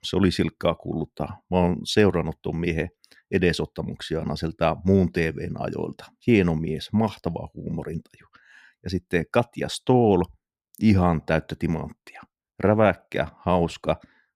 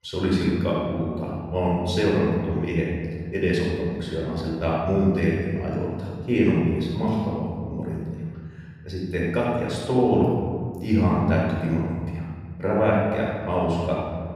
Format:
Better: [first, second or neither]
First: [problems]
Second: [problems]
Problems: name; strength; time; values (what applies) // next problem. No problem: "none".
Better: first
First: none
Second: off-mic speech; far // room echo; strong; dies away in 2.1 s